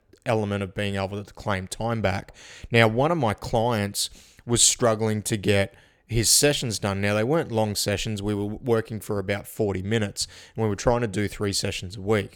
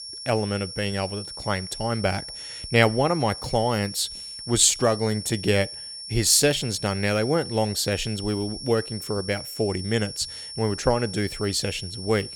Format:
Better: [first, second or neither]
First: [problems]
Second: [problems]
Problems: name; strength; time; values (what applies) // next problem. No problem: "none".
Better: first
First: none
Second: high-pitched whine; noticeable; throughout; 5.5 kHz, 10 dB below the speech